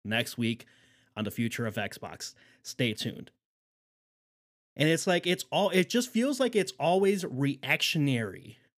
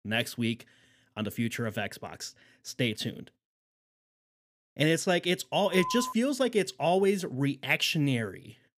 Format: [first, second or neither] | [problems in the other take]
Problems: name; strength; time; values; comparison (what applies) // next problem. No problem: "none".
first | phone ringing; noticeable; at 5.5 s; peak 6 dB below the speech